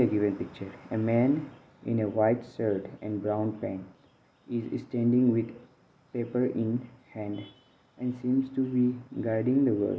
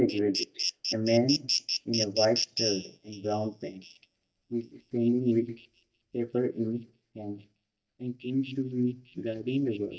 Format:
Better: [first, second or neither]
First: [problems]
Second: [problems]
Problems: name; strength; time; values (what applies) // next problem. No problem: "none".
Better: first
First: none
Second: noise reduction (neural mask model DeepFilterNet 3)